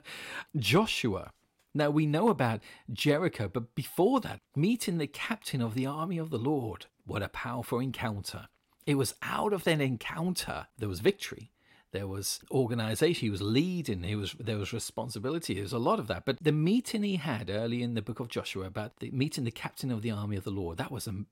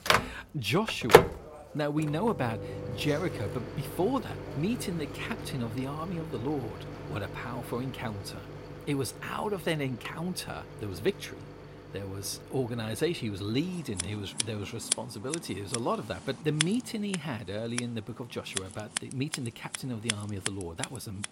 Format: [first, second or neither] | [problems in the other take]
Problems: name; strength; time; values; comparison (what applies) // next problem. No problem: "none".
first | household noises; very loud; throughout; 1 dB above the speech